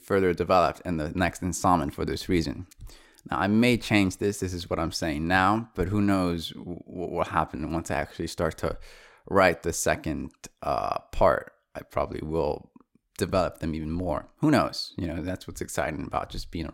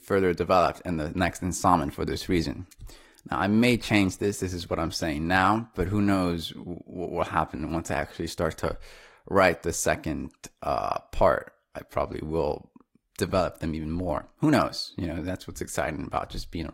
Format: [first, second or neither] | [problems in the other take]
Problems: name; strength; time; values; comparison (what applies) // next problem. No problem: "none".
first | garbled, watery; slightly; nothing above 16 kHz